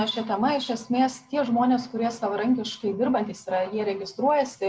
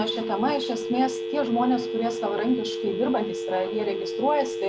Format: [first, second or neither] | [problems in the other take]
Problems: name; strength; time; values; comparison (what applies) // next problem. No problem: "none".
first | background sound (Telephone); 4 dB below the speech